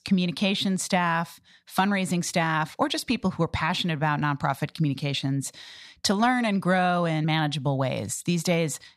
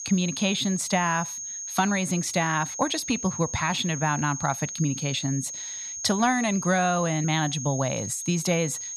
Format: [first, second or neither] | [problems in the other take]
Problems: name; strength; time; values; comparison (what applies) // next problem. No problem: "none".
first | high-pitched whine; loud; throughout; 6.5 kHz, 6 dB below the speech